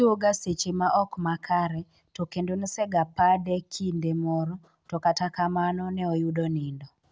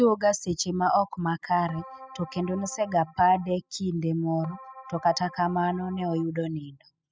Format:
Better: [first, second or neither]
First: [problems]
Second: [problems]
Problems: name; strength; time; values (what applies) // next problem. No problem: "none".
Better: first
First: none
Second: noise reduction (classical method spectral subtraction)